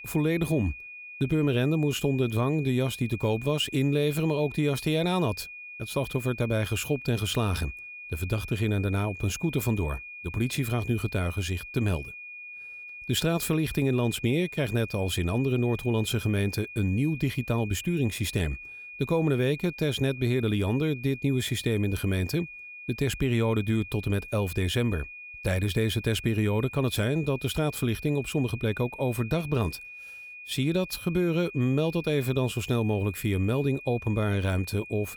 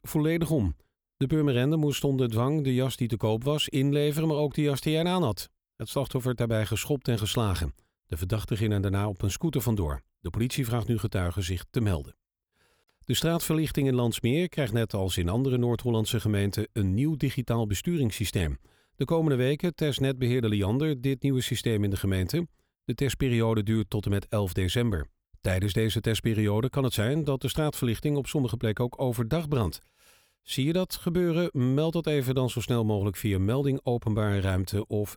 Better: second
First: high-pitched whine; noticeable; throughout; 2.5 kHz, 15 dB below the speech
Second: none

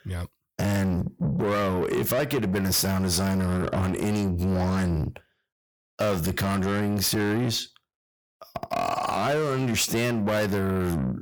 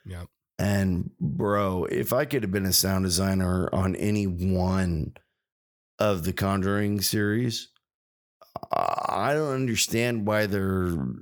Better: second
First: distortion; heavy; 7 dB below the speech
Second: none

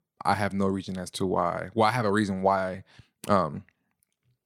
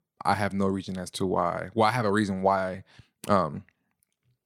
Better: neither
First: none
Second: none

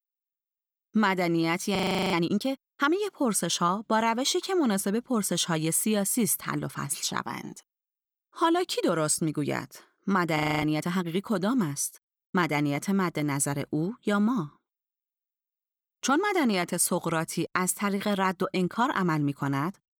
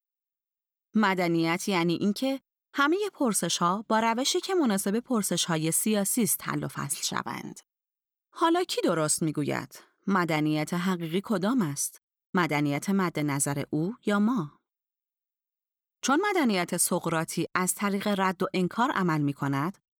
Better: second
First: audio freezing; at 2 s and at 10 s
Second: none

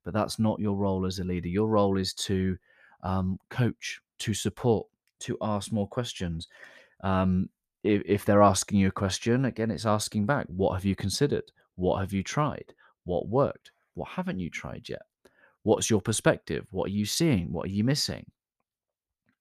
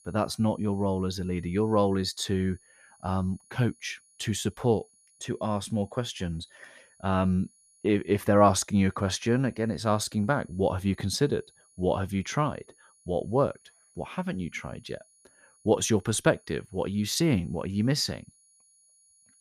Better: first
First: none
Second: high-pitched whine; faint; throughout; 10.5 kHz, 30 dB below the speech

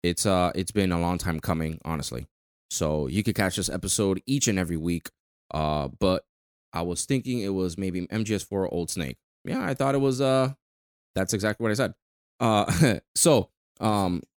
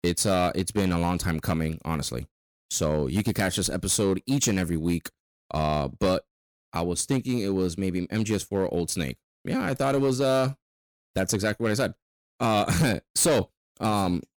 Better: first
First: none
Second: distortion; slight; 6% of the sound clipped

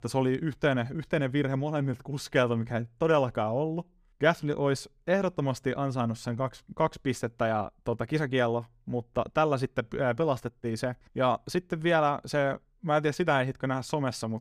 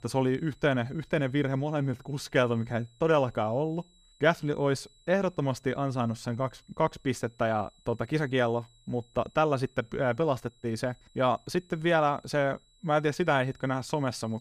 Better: first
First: none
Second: high-pitched whine; faint; throughout; 4 kHz, 35 dB below the speech

